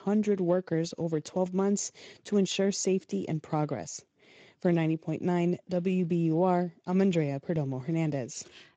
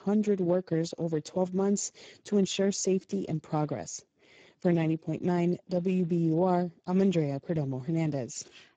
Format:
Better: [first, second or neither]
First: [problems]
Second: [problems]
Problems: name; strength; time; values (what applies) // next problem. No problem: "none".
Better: first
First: garbled, watery; slightly; nothing above 7.5 kHz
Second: garbled, watery; badly; nothing above 7.5 kHz